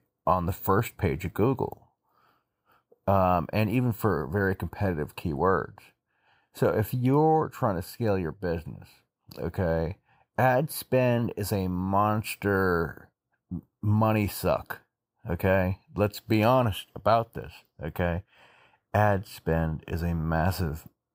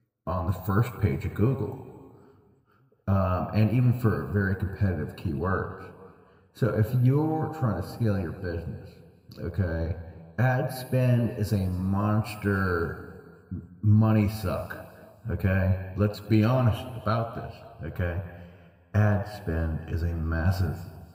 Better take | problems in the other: first | room echo; slight; dies away in 2 s

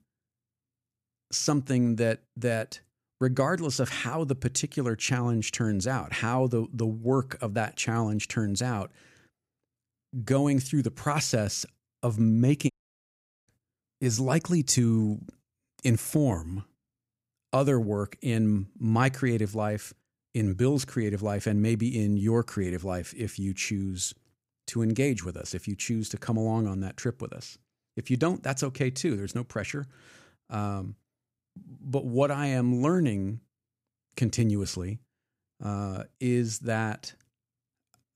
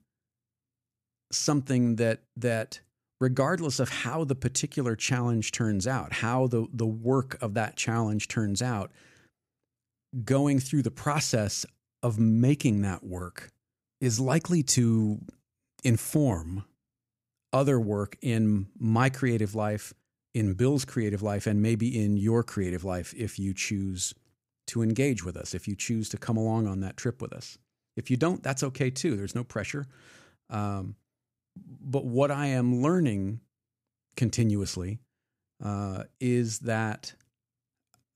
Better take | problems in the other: second | audio cutting out; at 13 s for 1 s

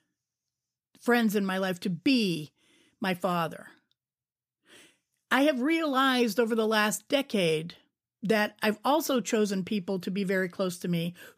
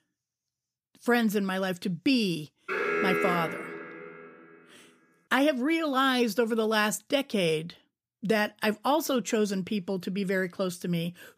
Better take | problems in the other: first | alarm; loud; from 2.5 to 4 s; peak 1 dB above the speech

